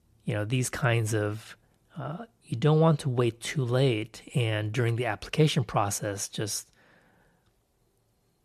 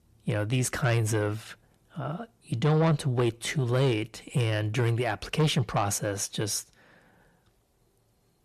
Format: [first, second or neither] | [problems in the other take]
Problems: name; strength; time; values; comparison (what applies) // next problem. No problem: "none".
first | distortion; slight; 10 dB below the speech